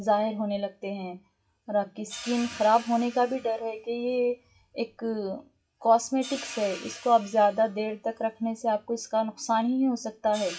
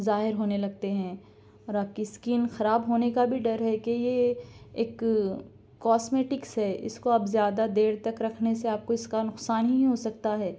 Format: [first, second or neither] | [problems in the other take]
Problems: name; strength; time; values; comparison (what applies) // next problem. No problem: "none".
second | noise reduction (classical method WPE with log-MMSE)